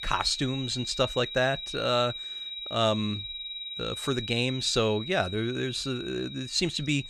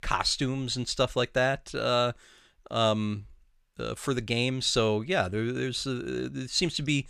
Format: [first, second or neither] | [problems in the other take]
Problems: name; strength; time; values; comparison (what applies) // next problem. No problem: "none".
second | high-pitched whine; loud; throughout; 4 kHz, 7 dB below the speech